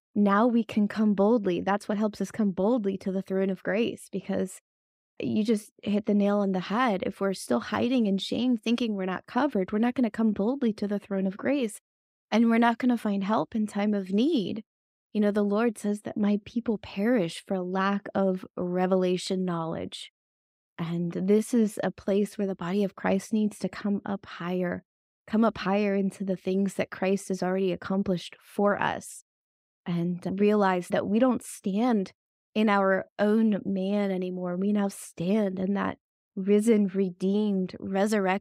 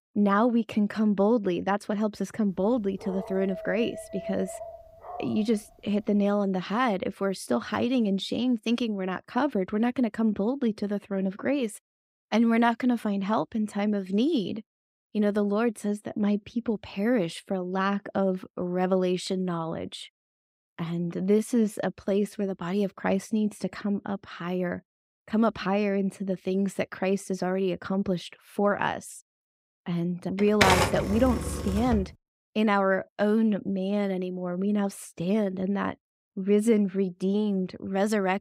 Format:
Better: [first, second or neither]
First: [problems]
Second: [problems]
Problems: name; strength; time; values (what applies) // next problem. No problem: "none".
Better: first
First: none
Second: dog barking; faint; from 3 to 5.5 s; peak 10 dB below the speech // keyboard typing; loud; from 30 to 32 s; peak 6 dB above the speech